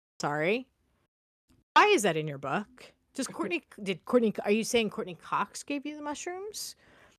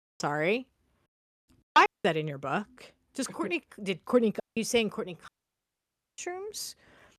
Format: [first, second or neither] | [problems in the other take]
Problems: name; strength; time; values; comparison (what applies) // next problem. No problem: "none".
first | audio cutting out; at 2 s, at 4.5 s and at 5.5 s for 1 s